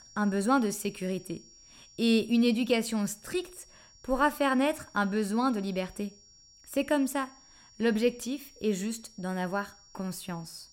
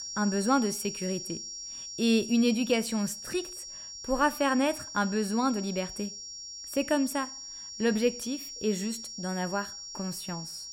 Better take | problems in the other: first | high-pitched whine; loud; throughout; 5.5 kHz, 9 dB below the speech; faint in the first

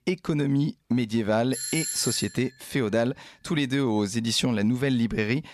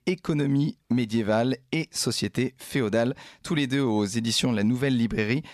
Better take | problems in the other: second | doorbell; noticeable; at 1.5 s; peak 2 dB below the speech

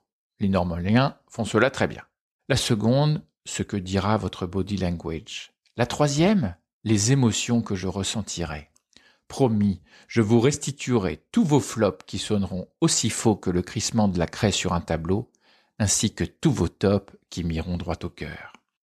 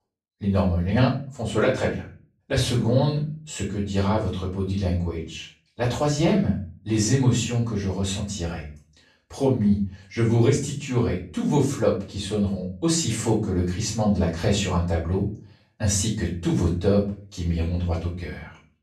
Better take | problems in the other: first | off-mic speech; far // room echo; slight; dies away in 0.4 s

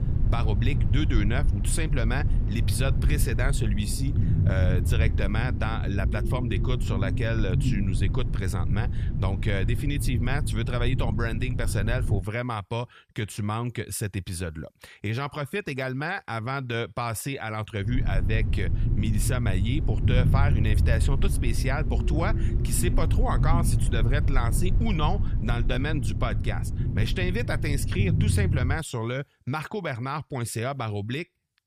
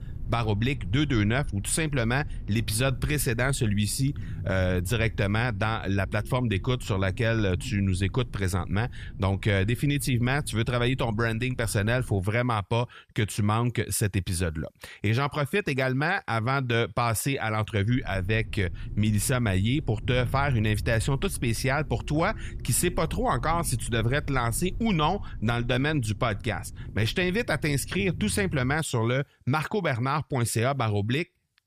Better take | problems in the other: second | low rumble; loud; until 12 s and from 18 to 29 s; 8 dB below the speech; faint in the second

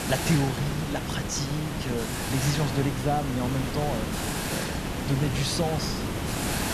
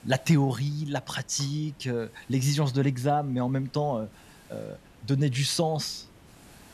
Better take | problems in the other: second | hiss; loud; throughout; 1 dB below the speech; faint in the second

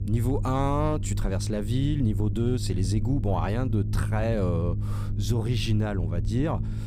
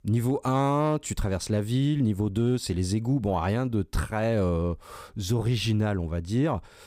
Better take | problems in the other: second | low rumble; noticeable; throughout; 10 dB below the speech

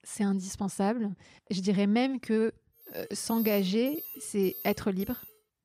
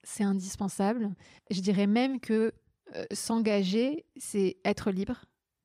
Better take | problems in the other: second | alarm; noticeable; from 3 s on; peak 7 dB below the speech

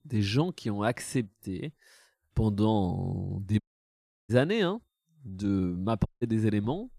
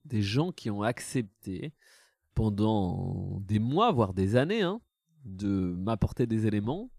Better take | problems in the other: second | audio cutting out; at 3.5 s for 0.5 s and at 6 s

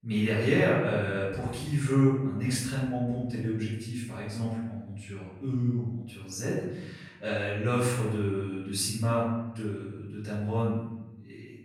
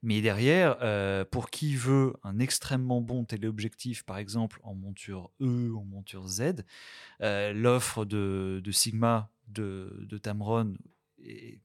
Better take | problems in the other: second | off-mic speech; far // room echo; strong; dies away in 1 s

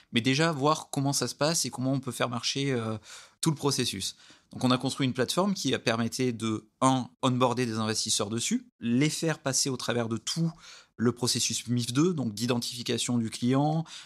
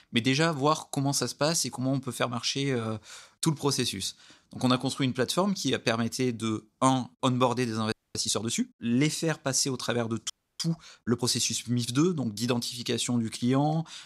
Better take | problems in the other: first | audio freezing; at 8 s and at 10 s

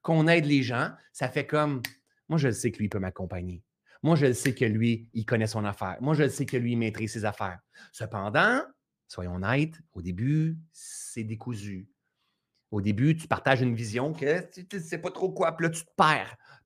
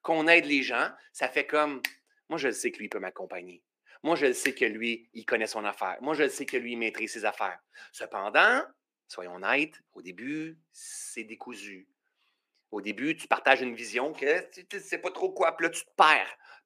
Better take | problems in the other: first | thin; somewhat; fading below 300 Hz

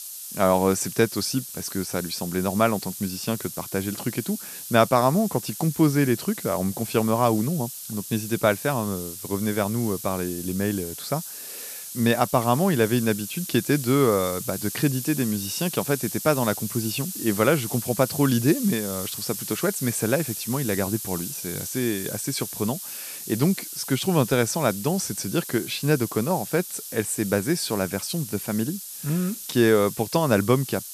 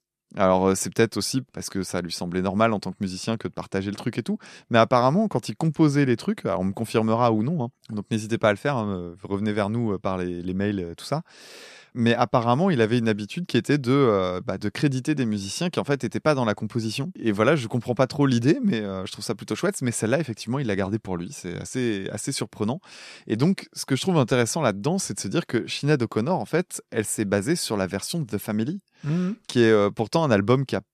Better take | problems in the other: second | hiss; loud; throughout; 8 dB below the speech

